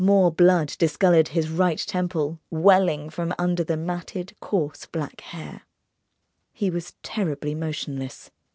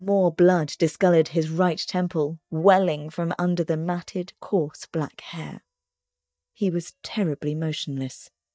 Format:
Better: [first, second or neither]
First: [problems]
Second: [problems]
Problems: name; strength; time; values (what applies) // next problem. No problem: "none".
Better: first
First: none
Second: noise reduction (neural mask model DeepFilterNet 3)